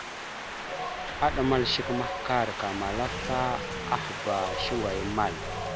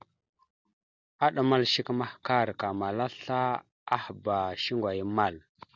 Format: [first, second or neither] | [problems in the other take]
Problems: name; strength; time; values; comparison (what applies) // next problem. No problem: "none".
second | background sound (Wind); 3 dB below the speech